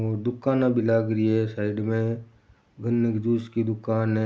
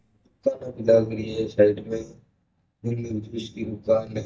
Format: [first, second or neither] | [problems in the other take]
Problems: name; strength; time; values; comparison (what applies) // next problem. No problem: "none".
first | noise reduction (neural mask model DeepFilterNet 3)